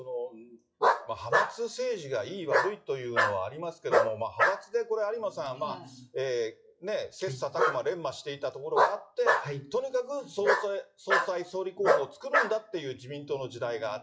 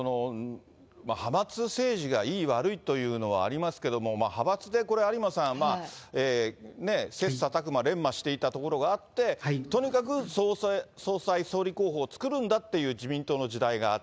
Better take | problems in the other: second | noise reduction (classical method WPE with log-MMSE)

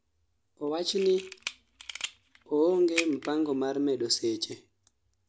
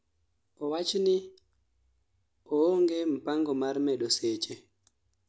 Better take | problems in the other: second | background sound (Camera); 11 dB below the speech

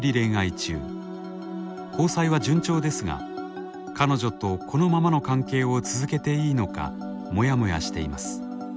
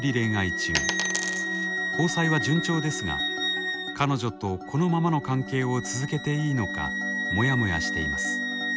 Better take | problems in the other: first | background sound (Coin (dropping) + Wind instrument, woodwind instrument); 3 dB below the speech

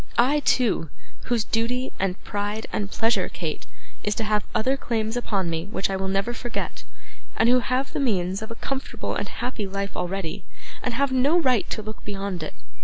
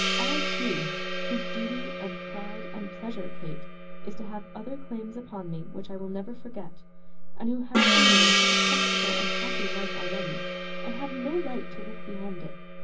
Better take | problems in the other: first | background sound (Gong); 3 dB above the speech // room echo; dies away in 0.4 s

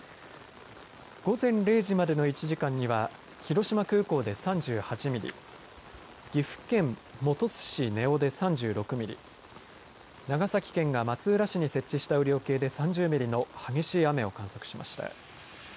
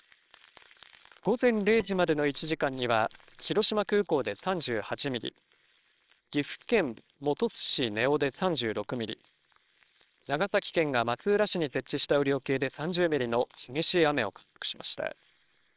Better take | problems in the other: first | noise reduction (neural separator model SepFormer WHAMR!)

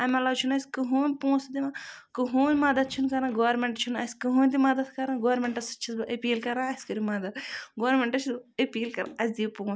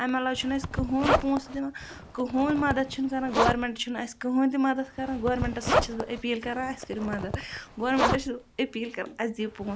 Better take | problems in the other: first | background sound (Zipper (clothing)); 4 dB below the speech

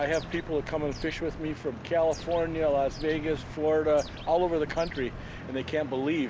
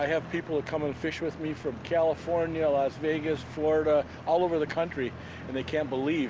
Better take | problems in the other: second | background sound (Bird); 14 dB below the speech

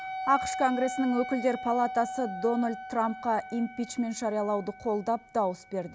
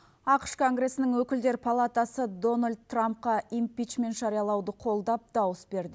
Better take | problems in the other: second | background sound (Wind instrument, woodwind instrument); 10 dB below the speech

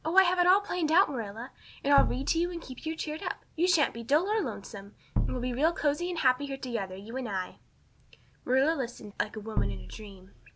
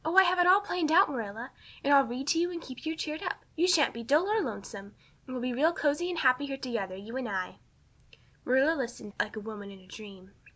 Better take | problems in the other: second | background sound (Bass drum); 1 dB below the speech

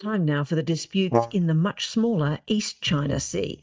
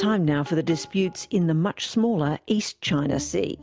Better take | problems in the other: second | noise reduction (neural mask model DeepFilterNet 3)

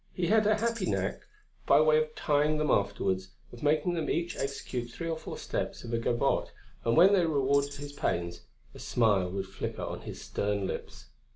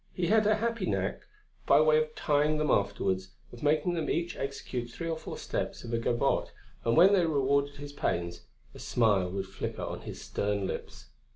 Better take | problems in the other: second | background sound (Tambourine); 20 dB below the speech

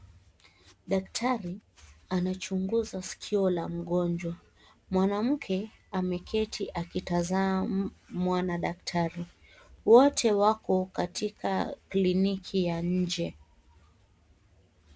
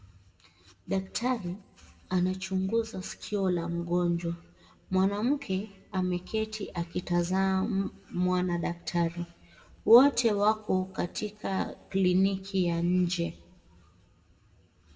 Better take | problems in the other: first | room echo; dies away in 0.6 s

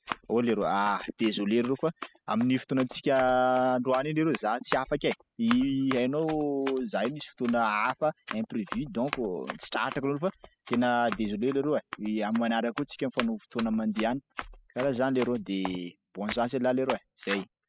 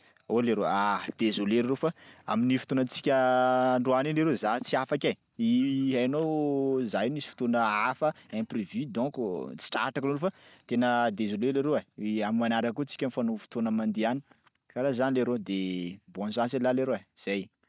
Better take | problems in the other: second | noise reduction (classical method spectral subtraction)

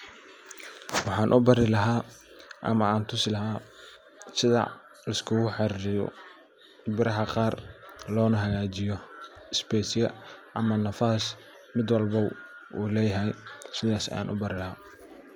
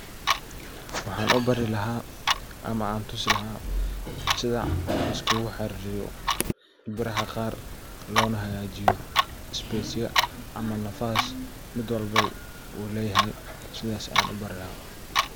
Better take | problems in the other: first | background sound (Clock); 2 dB above the speech

